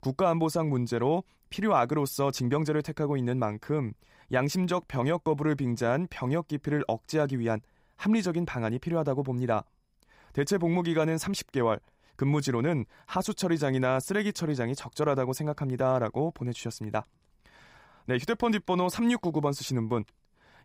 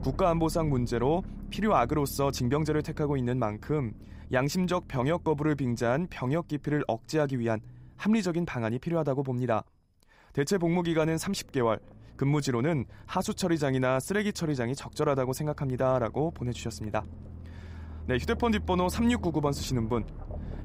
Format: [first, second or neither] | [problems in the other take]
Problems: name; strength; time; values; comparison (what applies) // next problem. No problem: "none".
first | low rumble; faint; throughout; 25 dB below the speech